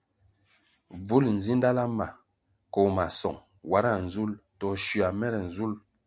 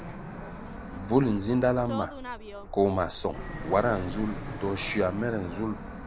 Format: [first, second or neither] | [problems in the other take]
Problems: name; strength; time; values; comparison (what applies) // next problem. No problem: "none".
first | background sound (Fixed-wing aircraft, airplane); 9 dB below the speech